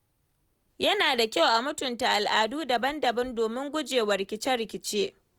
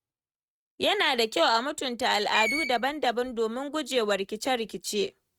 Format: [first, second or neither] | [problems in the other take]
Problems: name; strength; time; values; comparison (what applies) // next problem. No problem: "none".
first | noise reduction (neural mask model RNNoise)